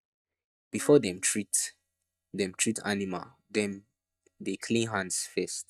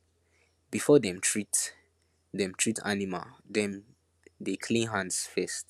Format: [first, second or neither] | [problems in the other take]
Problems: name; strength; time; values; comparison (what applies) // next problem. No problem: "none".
second | noise reduction (neural mask model DeepFilterNet 3)